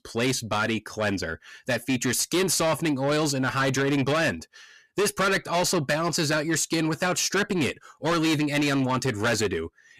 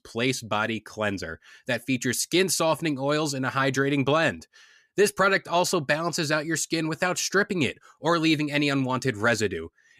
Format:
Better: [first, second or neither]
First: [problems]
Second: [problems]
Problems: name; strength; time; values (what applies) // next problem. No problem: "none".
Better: second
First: distortion; heavy; 8 dB below the speech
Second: none